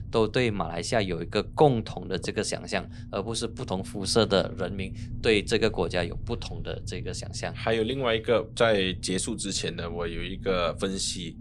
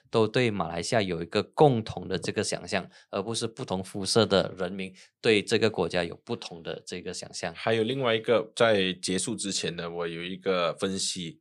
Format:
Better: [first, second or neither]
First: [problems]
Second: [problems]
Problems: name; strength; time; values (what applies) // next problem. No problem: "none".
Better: second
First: low rumble; faint; throughout; 25 dB below the speech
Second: none